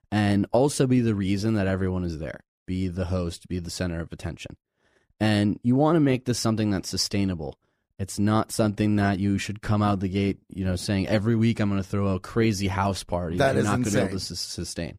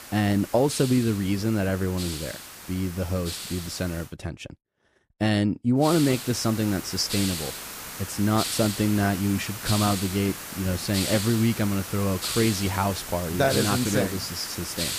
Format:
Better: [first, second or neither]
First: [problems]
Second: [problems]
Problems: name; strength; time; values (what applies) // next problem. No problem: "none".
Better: first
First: none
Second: hiss; loud; until 4 s and from 6 s on; 7 dB below the speech